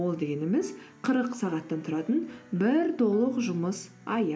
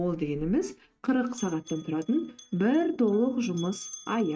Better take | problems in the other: first | noise reduction (neural mask model RNNoise)

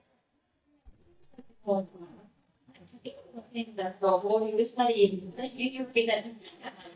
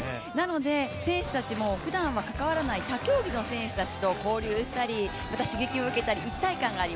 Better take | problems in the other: second | noise reduction (neural mask model DeepFilterNet 3)

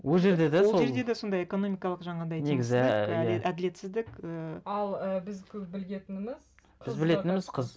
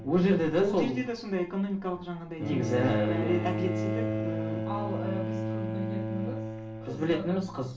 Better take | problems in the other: first | background sound (Bowed string instrument); 3 dB below the speech // room echo; dies away in 0.4 s

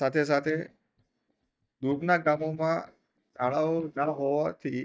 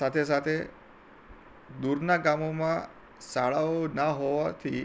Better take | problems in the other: second | noise reduction (neural mask model DeepFilterNet 3)

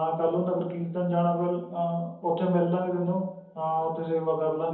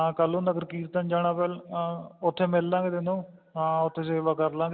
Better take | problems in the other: second | room echo; dies away in 2.2 s

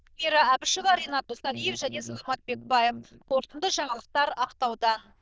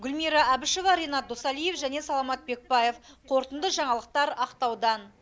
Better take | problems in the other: second | noise reduction (neural diffusion model UNIVERSE++)

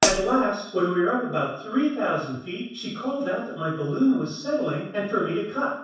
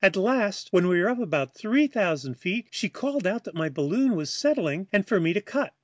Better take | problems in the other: second | background sound (Hi-hat); 2 dB above the speech // room echo; dies away in 0.7 s

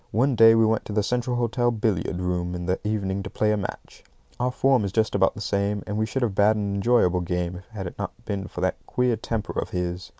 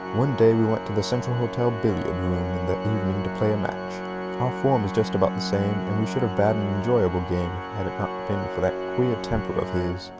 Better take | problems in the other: first | background sound (Organ); 6 dB below the speech

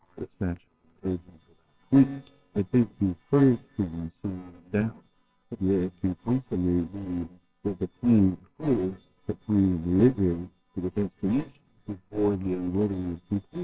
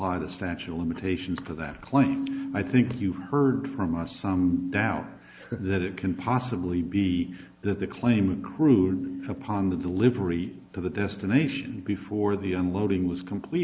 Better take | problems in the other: second | noise reduction (neural separator model SepFormer WHAMR!)

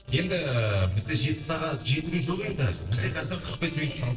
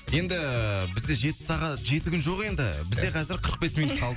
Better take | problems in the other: second | noise reduction (neural separator model SepFormer DNS4)

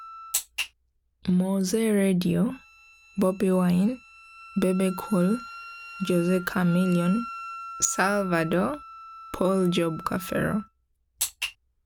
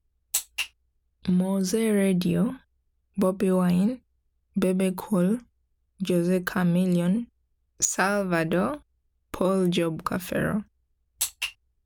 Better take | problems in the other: second | background sound (Wind instrument, woodwind instrument); 16 dB below the speech

